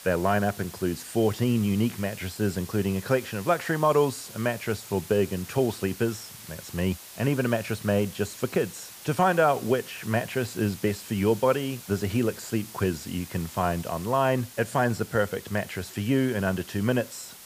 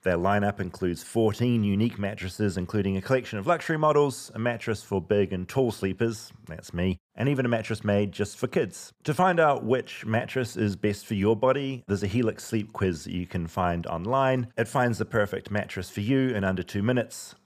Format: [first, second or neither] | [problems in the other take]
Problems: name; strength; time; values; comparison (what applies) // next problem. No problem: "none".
second | hiss; noticeable; throughout; 15 dB below the speech